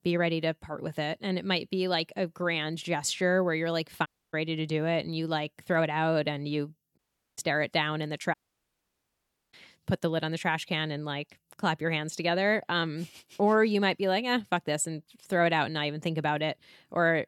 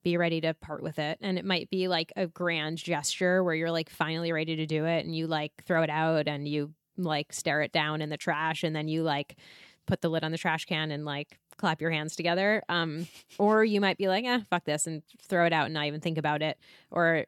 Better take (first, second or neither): second